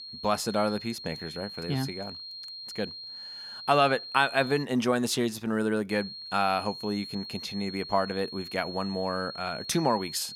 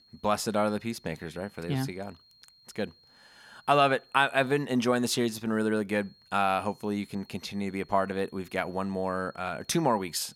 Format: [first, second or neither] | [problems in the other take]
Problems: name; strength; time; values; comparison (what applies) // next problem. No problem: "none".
second | high-pitched whine; loud; until 4.5 s and from 6 s on; 4 kHz, 10 dB below the speech; faint in the second